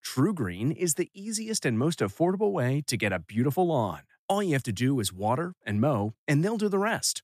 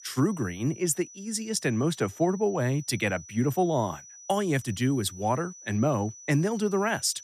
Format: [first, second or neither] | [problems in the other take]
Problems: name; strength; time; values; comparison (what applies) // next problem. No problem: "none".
first | high-pitched whine; noticeable; throughout; 6 kHz, 20 dB below the speech